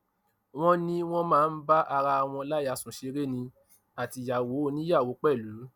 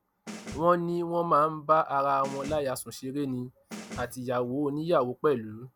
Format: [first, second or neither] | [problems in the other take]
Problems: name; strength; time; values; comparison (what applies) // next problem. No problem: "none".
first | background sound (Snare drum); 17 dB below the speech